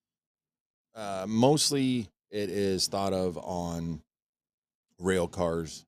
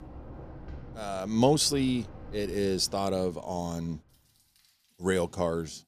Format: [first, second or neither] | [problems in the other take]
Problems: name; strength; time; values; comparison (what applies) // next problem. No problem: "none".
first | rain or running water; noticeable; throughout; 20 dB below the speech